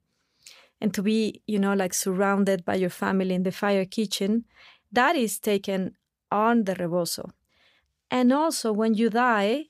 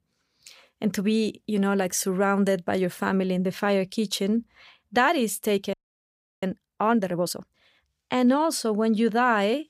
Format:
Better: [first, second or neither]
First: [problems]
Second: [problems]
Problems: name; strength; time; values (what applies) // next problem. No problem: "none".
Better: first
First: none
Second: audio freezing; at 5.5 s for 0.5 s